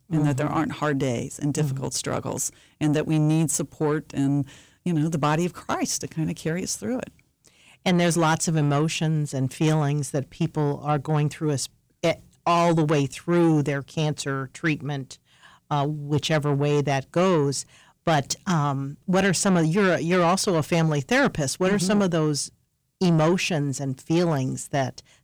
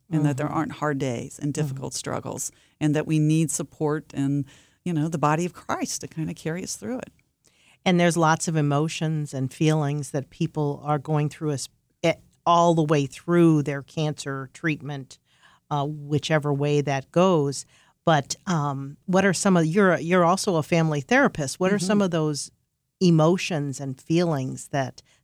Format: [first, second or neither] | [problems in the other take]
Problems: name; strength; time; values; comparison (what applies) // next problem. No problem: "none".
second | distortion; slight; 10 dB below the speech